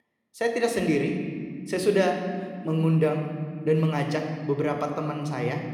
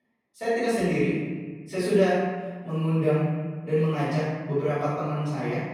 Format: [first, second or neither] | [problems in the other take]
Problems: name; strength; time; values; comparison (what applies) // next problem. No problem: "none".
first | room echo; strong; dies away in 1.5 s; slight in the first // off-mic speech; far